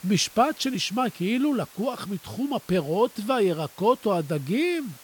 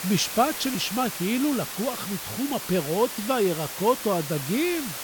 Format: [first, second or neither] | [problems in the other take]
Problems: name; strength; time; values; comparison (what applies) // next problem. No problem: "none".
first | hiss; loud; throughout; 6 dB below the speech; faint in the first